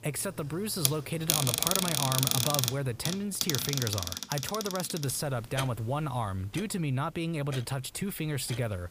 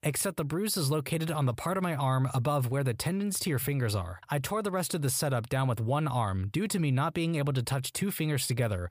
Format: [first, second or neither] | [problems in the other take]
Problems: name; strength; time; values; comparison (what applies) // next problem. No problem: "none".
second | household noises; very loud; throughout; 2 dB above the speech